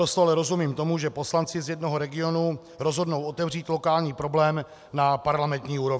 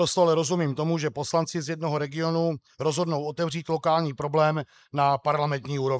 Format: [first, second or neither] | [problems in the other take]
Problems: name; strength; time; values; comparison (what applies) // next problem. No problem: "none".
first | noise reduction (neural mask model Resemble Enhance denoiser)